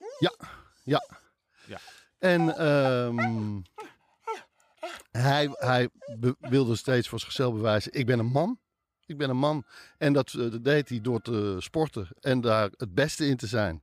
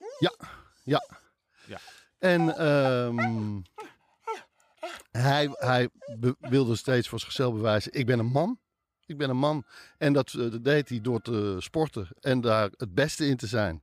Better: neither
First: dog barking; noticeable; until 7.5 s; peak 6 dB below the speech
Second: dog barking; noticeable; until 7.5 s; peak 6 dB below the speech

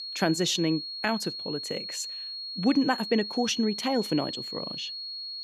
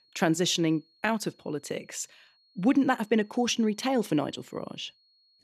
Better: second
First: high-pitched whine; loud; throughout; 4.5 kHz, 6 dB below the speech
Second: high-pitched whine; faint; throughout; 4.5 kHz, 35 dB below the speech

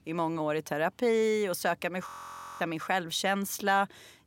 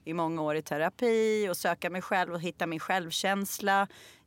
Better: second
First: audio freezing; at 2 s for 0.5 s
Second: none

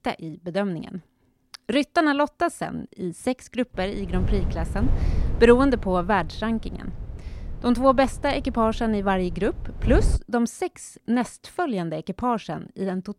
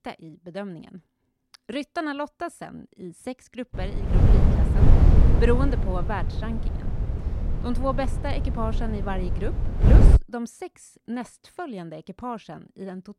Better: first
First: wind noise on the microphone; occasional gusts; from 3.5 to 10 s; 20 dB below the speech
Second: wind noise on the microphone; heavy; from 3.5 to 10 s; 2 dB below the speech

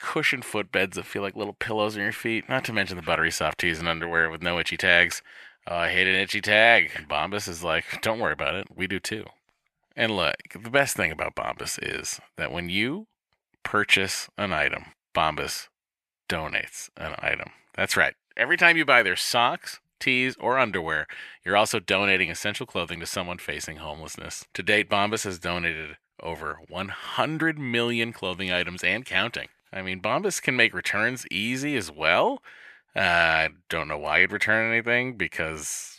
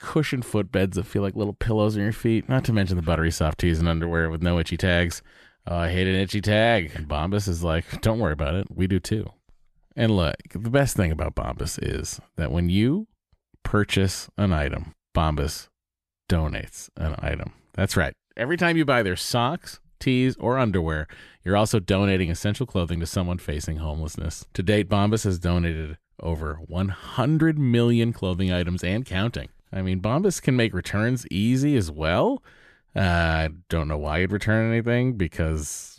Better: second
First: thin; somewhat; fading below 700 Hz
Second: none

